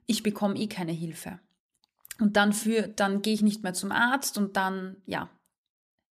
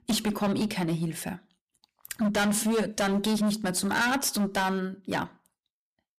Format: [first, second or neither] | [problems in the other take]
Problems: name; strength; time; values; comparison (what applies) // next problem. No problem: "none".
first | distortion; heavy; 16% of the sound clipped